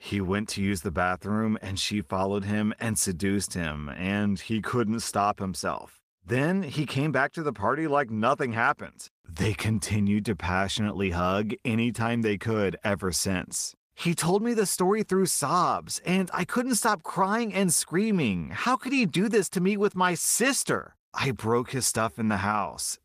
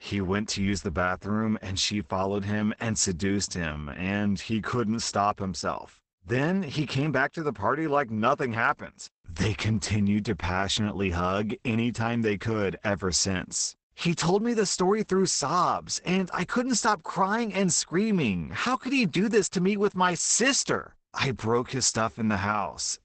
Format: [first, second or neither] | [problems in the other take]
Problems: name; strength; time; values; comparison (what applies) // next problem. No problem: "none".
first | garbled, watery; badly; nothing above 8 kHz; slightly in the first